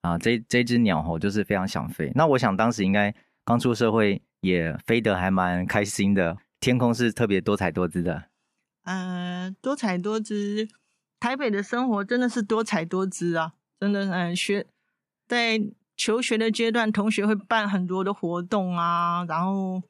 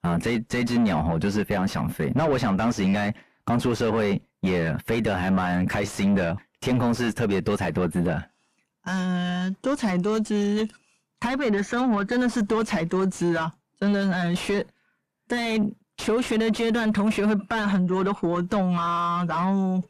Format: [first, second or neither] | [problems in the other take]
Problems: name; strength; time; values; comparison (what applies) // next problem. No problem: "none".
first | distortion; heavy; 6 dB below the speech